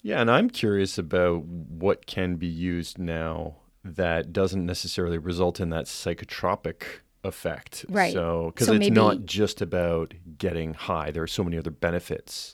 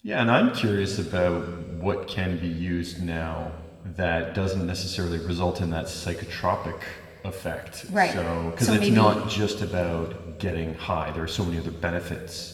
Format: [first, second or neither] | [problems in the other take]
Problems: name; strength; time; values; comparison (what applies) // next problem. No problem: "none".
first | room echo; noticeable; dies away in 1.8 s // off-mic speech; somewhat distant